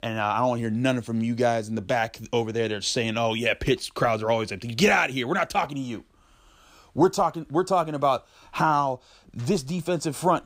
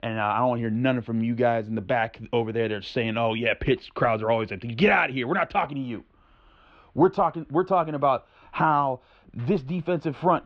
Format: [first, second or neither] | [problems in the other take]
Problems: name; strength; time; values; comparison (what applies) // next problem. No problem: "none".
first | muffled; very; fading above 3 kHz